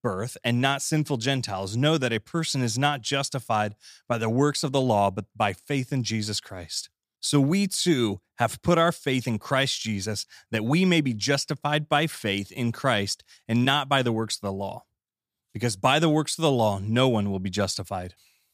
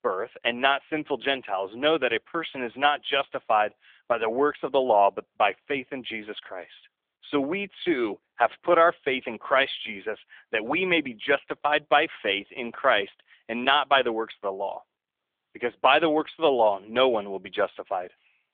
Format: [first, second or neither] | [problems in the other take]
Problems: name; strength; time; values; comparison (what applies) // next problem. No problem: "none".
first | phone-call audio; nothing above 3.5 kHz